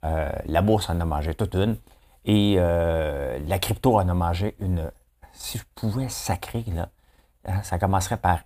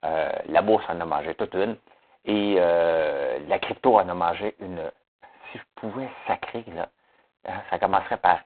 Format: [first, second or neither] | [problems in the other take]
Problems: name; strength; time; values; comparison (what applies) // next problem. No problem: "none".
first | phone-call audio; poor line; nothing above 4 kHz